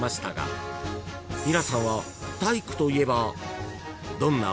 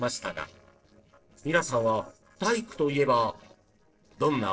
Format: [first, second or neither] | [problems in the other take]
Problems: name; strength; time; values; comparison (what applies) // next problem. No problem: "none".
first | noise reduction (neural separator model SepFormer DNS4)